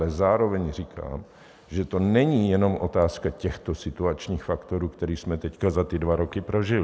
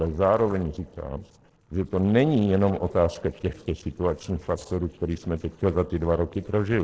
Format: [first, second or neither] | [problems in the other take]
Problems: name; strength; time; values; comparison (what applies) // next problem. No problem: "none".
first | noise reduction (neural separator model SepFormer DNS4)